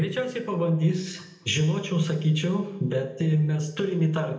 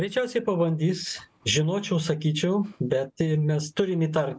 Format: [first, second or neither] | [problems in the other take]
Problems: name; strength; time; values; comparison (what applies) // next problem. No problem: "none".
second | room echo; dies away in 0.8 s